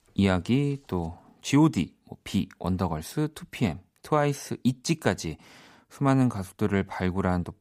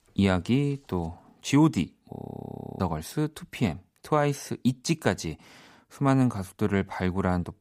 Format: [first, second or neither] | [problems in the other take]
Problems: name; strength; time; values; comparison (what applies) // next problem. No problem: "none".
first | audio freezing; at 2 s for 0.5 s